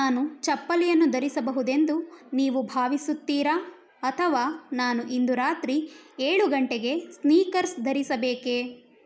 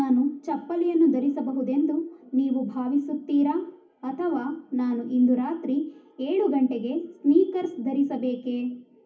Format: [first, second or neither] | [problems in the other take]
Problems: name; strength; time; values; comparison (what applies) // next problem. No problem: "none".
first | room echo; dies away in 0.3 s